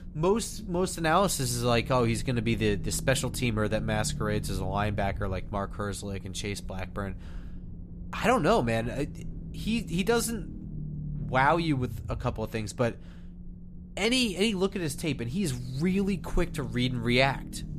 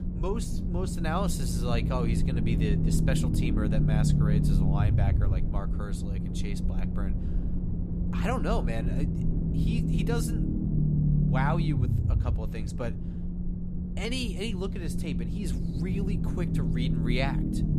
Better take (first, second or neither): first